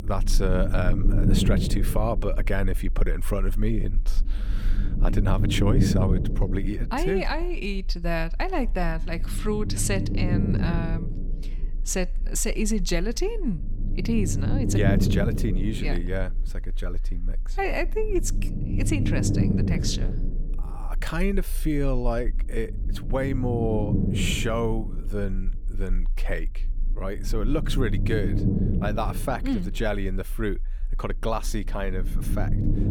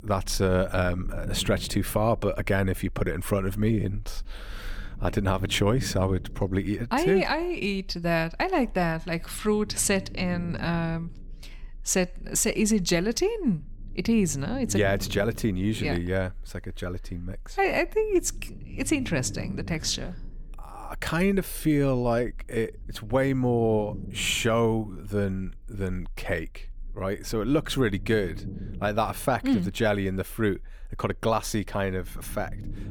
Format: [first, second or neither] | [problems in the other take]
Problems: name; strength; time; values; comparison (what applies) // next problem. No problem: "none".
second | low rumble; loud; throughout; 6 dB below the speech; faint in the second